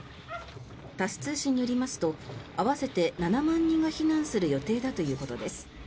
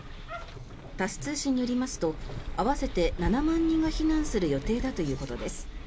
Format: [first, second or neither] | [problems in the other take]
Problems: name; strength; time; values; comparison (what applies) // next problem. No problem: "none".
first | background sound (Bird); 7 dB below the speech